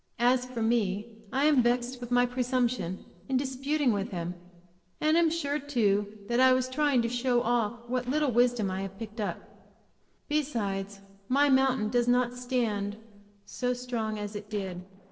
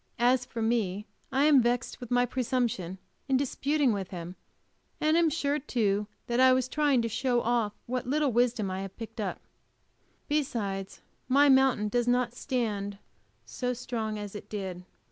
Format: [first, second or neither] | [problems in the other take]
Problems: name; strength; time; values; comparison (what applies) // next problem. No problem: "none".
second | noise reduction (neural separator model SepFormer DNS4)